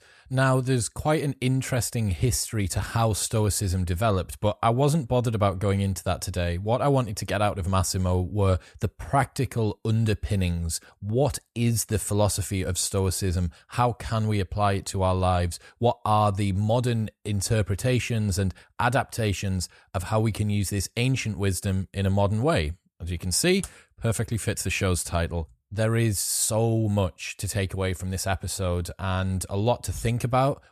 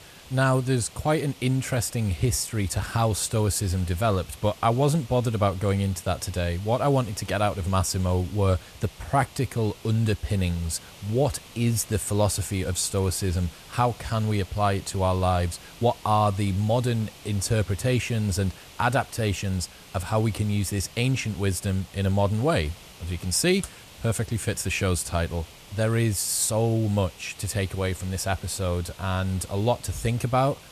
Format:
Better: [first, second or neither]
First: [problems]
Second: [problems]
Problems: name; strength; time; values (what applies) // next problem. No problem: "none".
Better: first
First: none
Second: hiss; noticeable; throughout; 20 dB below the speech